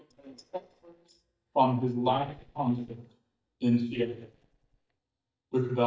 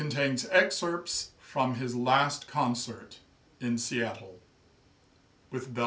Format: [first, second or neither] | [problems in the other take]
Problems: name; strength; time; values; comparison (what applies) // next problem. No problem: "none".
second | noise reduction (neural mask model DeepFilterNet 3)